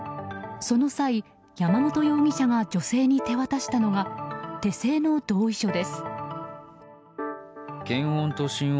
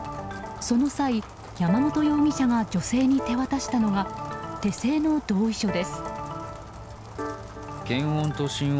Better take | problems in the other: first | background sound (Rain); 15 dB below the speech

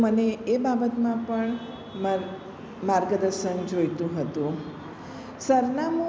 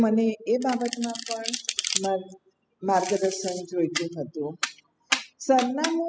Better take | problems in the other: first | noise reduction (classical method spectral subtraction)

